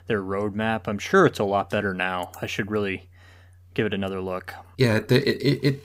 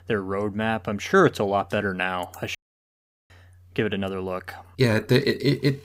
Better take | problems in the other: first | audio cutting out; at 2.5 s for 1 s

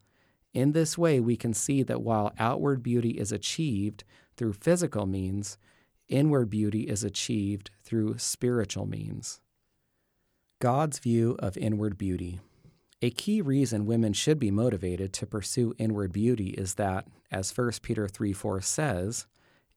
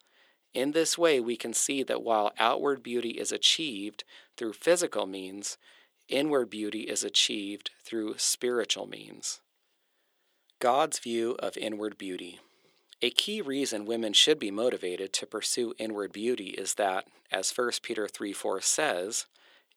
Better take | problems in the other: first | thin; somewhat; fading below 400 Hz

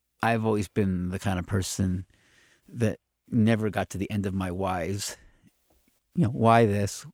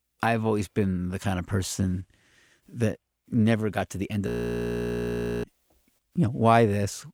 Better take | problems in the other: first | audio freezing; at 4.5 s for 1 s

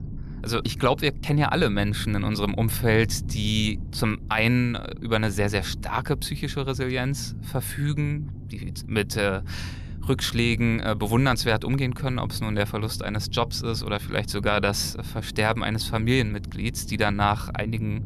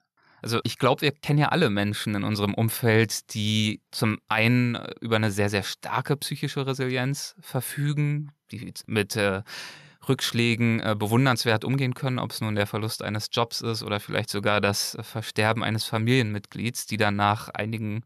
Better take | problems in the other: second | low rumble; faint; throughout; 20 dB below the speech

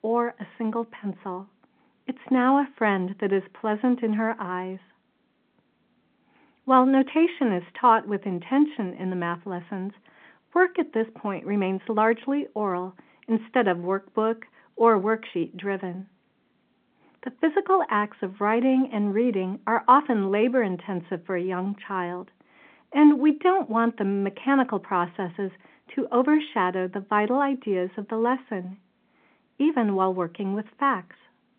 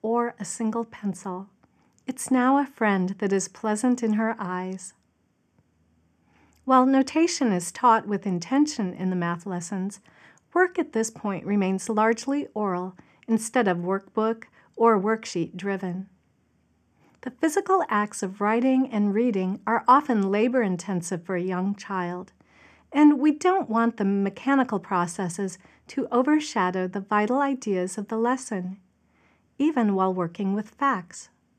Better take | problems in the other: second | phone-call audio

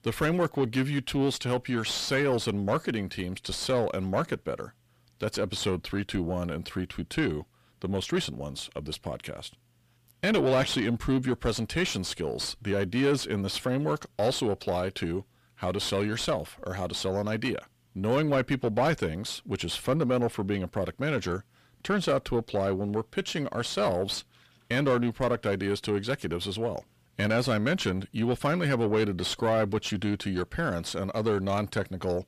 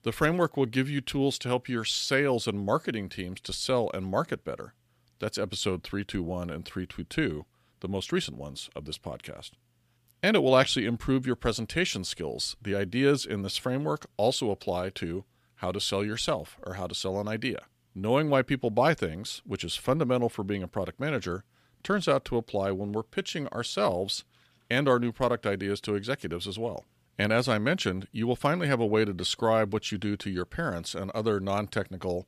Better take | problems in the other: second | distortion; slight; 10 dB below the speech

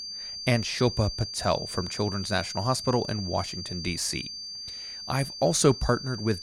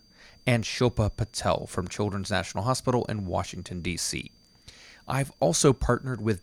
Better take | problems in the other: second | high-pitched whine; loud; throughout; 4.5 kHz, 8 dB below the speech; faint in the second

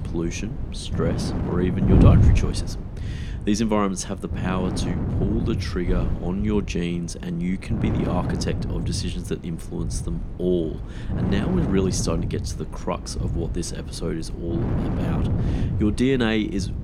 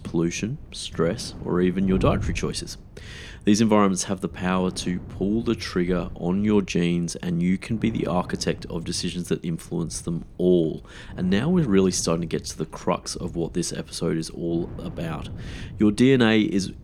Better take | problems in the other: second | wind noise on the microphone; heavy; 5 dB below the speech; occasional gusts in the second

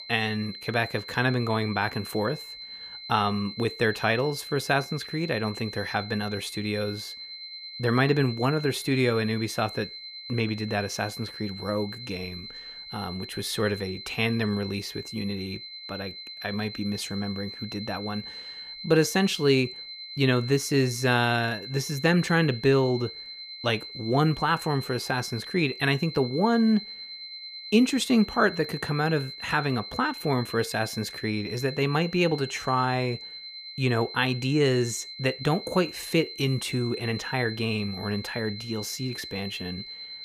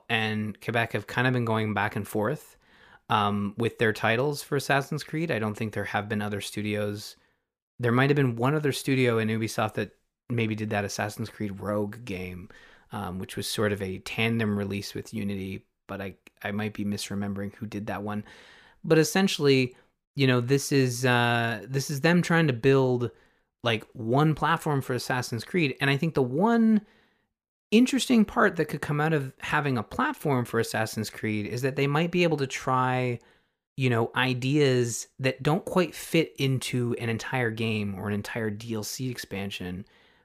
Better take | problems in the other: second | high-pitched whine; noticeable; throughout; 4 kHz, 10 dB below the speech

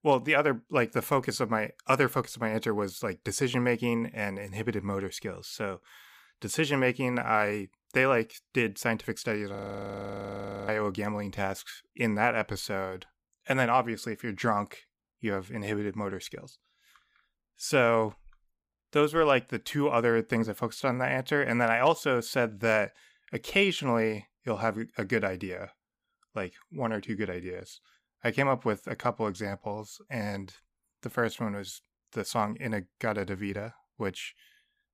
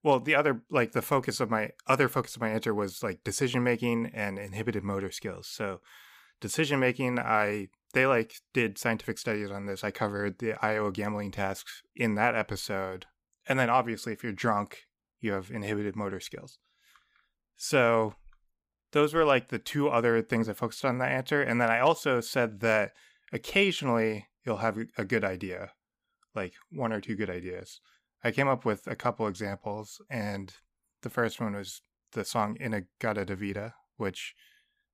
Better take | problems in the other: second | audio freezing; at 9.5 s for 1 s

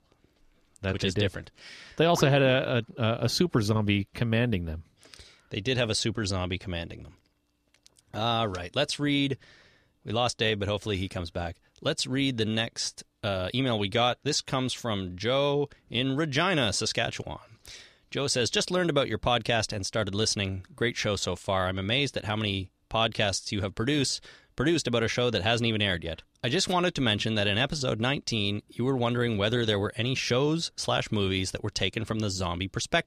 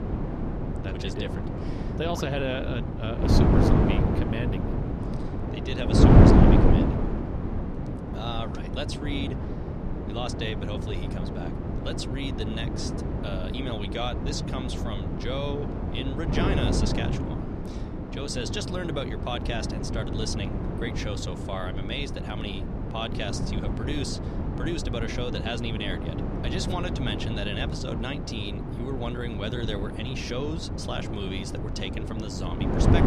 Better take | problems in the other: first | wind noise on the microphone; heavy; 1 dB above the speech

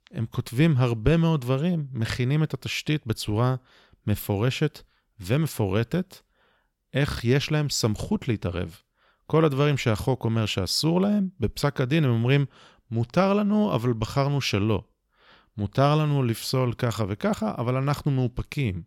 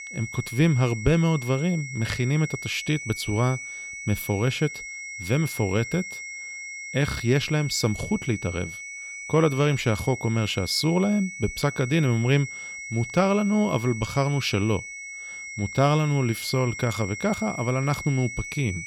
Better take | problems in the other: first | high-pitched whine; loud; throughout; 2 kHz, 10 dB below the speech

